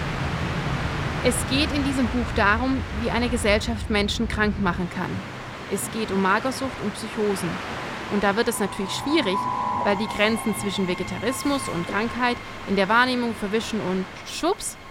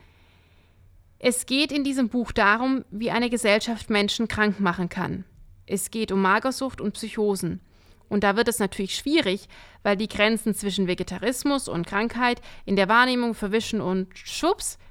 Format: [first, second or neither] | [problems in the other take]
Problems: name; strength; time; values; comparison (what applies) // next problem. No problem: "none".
second | train or aircraft noise; loud; throughout; 6 dB below the speech